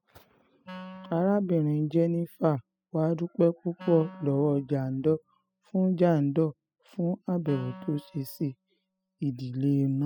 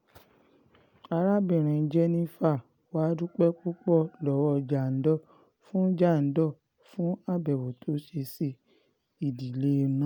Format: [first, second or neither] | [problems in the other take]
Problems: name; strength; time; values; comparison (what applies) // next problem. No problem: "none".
second | noise reduction (classical method spectral subtraction)